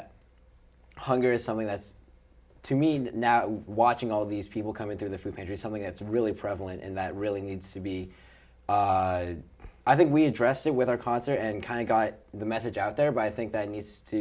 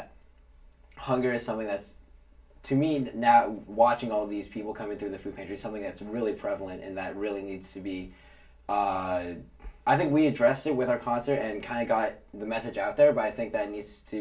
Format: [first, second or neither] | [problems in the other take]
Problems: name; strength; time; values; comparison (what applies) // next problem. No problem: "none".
first | room echo; dies away in 0.2 s